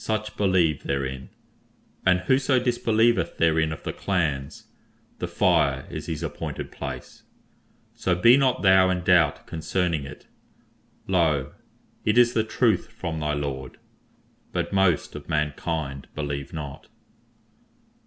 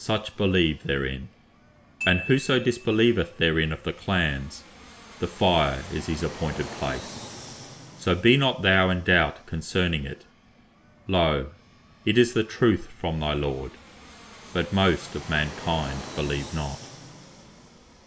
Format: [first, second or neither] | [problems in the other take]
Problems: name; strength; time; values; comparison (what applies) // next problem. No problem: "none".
first | background sound (Fixed-wing aircraft, airplane + Glockenspiel); 17 dB below the speech